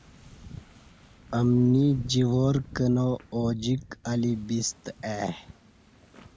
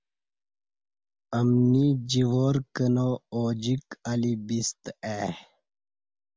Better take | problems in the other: second | background sound (Wind / Ocean); 18 dB below the speech

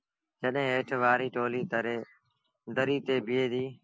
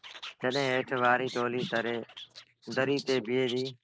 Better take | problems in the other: first | noise reduction (neural mask model Resemble Enhance denoiser)

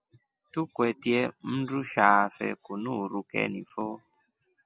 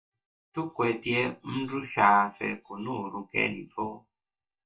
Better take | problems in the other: first | noise reduction (neural mask model DeepFilterNet 3)

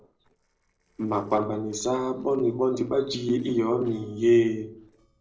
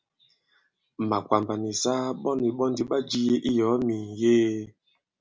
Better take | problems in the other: second | noise reduction (neural separator model SepFormer DNS4)

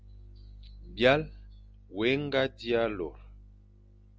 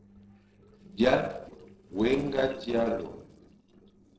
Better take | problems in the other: first | noise reduction (neural separator model SepFormer DNS4)

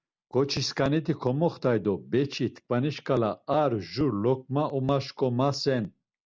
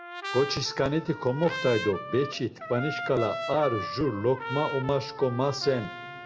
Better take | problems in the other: first | background sound (Trumpet); 9 dB below the speech // room echo; dies away in 2.4 s

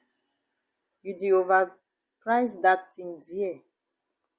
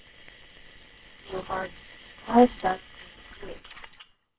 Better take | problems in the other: first | noise reduction (neural separator model SepFormer WHAMR!)

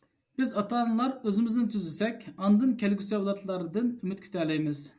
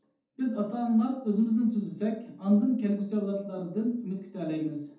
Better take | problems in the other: first | room echo; dies away in 0.6 s

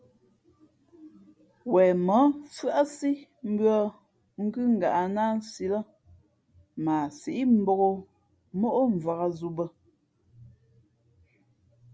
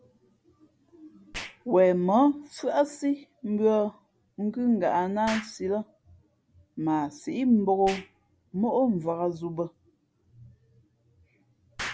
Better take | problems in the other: first | background sound (Explosion); 19 dB below the speech

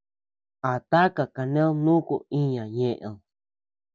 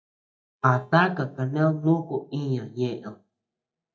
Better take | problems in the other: first | noise reduction (neural mask model DeepFilterNet 3)

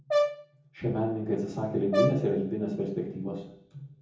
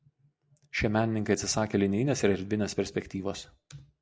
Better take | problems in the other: second | background sound (Brass instrument); 1 dB below the speech // room echo; dies away in 0.7 s

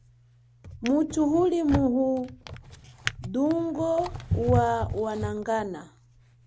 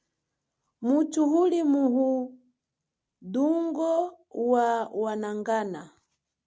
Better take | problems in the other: second | background sound (Drawer open or close); 7 dB below the speech

